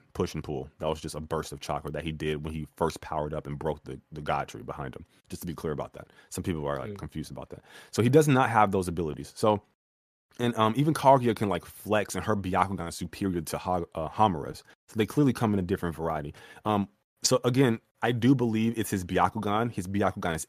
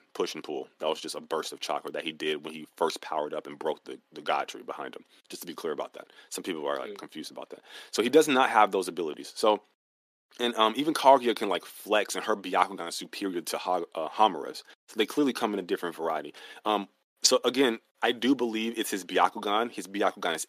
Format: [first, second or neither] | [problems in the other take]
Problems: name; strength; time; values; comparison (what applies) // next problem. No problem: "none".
first | thin; very slightly; fading below 300 Hz